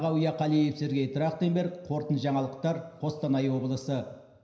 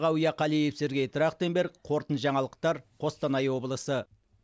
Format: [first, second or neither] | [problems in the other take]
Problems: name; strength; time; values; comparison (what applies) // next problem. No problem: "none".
second | room echo; dies away in 0.9 s